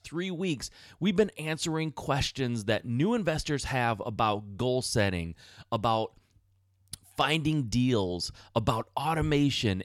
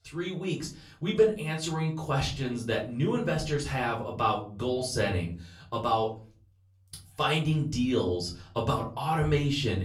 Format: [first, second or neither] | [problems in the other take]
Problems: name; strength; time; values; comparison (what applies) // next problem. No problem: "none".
first | off-mic speech; far // room echo; very slight; dies away in 0.4 s